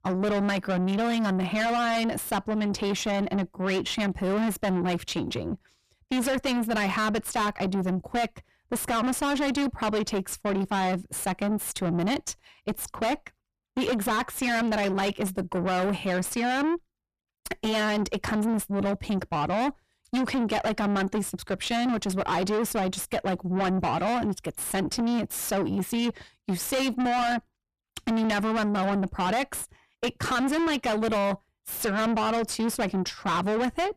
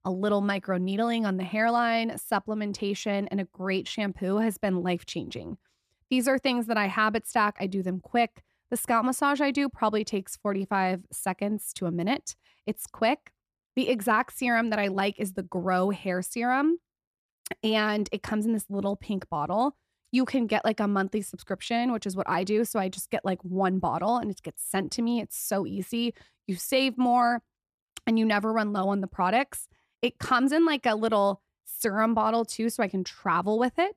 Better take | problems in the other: second | distortion; heavy; 6 dB below the speech

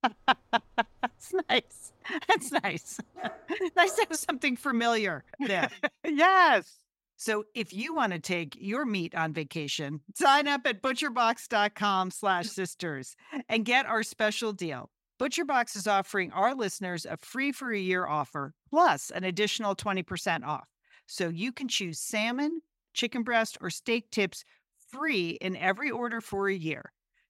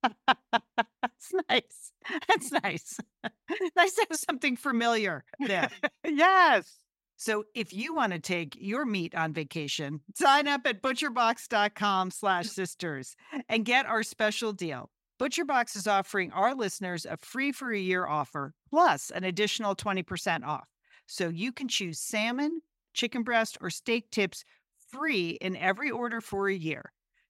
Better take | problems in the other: second | dog barking; faint; at 3 s; peak 15 dB below the speech

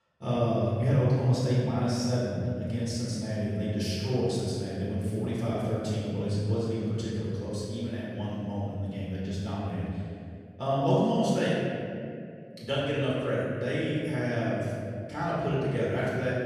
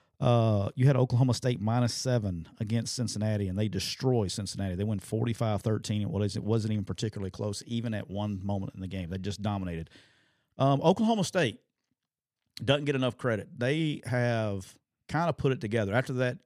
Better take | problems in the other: second | off-mic speech; far // room echo; strong; dies away in 2.2 s

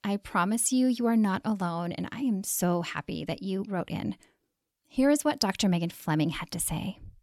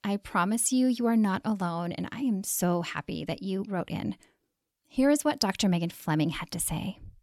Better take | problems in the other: neither | none

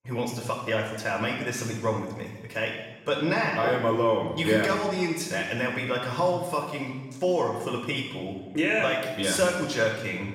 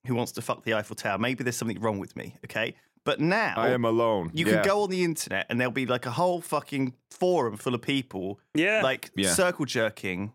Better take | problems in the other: second | room echo; noticeable; dies away in 1 s // off-mic speech; far

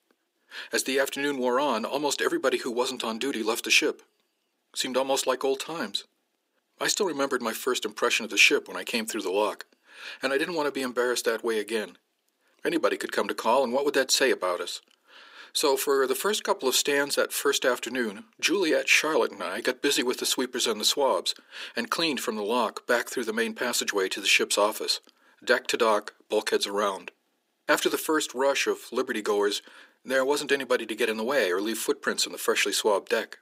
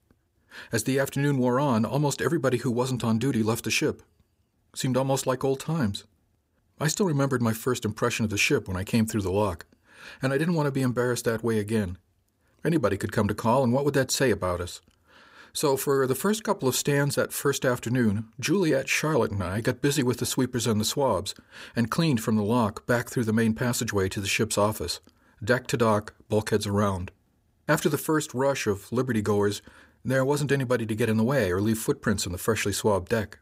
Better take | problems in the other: second | thin; somewhat; fading below 300 Hz

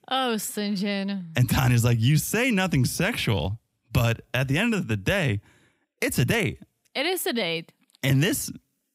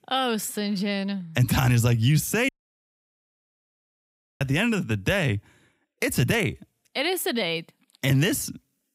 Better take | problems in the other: first | audio cutting out; at 2.5 s for 2 s

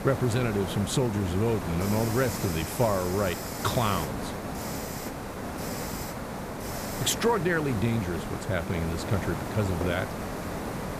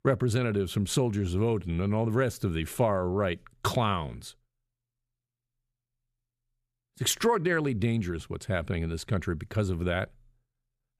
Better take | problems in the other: second | hiss; loud; throughout; 6 dB below the speech

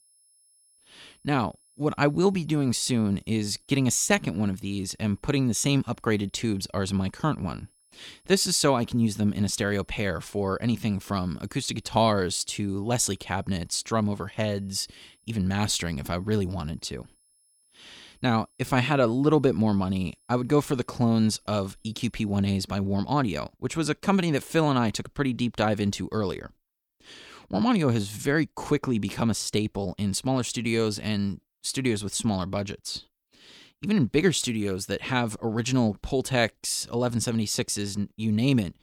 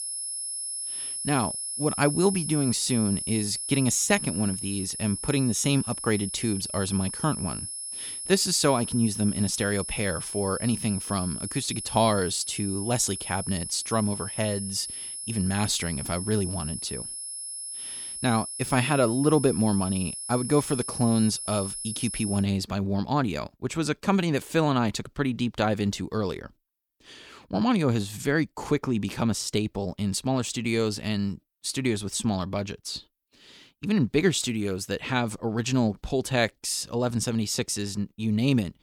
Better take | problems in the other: first | high-pitched whine; loud; until 22 s; 10.5 kHz, 6 dB below the speech; faint in the first

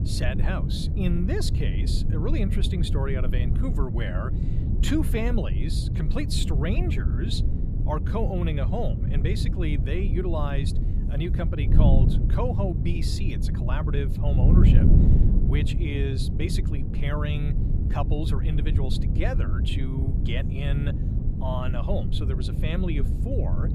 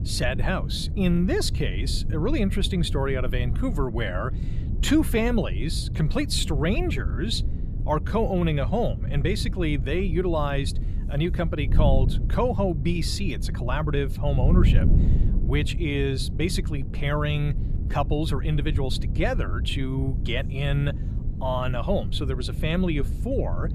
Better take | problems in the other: second | wind noise on the microphone; heavy; 4 dB below the speech; occasional gusts in the second

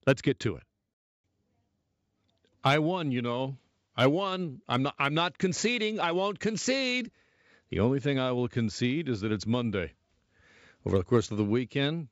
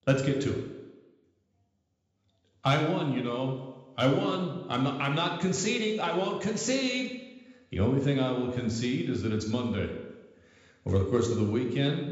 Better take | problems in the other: first | room echo; noticeable; dies away in 0.9 s // off-mic speech; somewhat distant

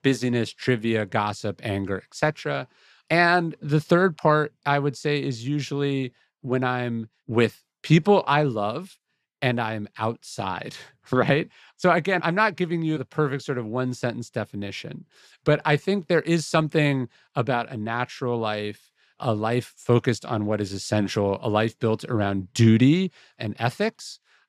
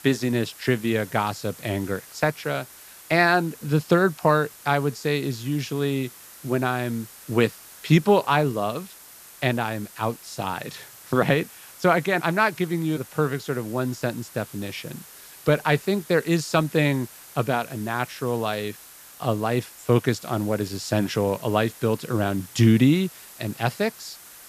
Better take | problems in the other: first | hiss; noticeable; throughout; 20 dB below the speech

